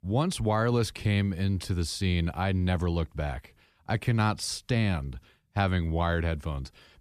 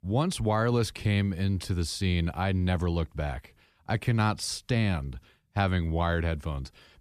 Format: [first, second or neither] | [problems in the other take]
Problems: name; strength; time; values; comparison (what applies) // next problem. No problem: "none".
neither | none